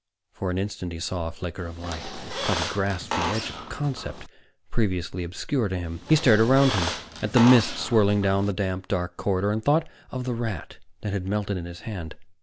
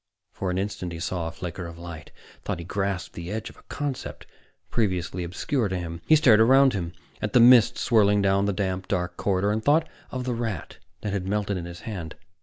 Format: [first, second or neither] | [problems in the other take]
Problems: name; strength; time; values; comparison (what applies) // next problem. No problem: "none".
second | background sound (Squeak); 7 dB below the speech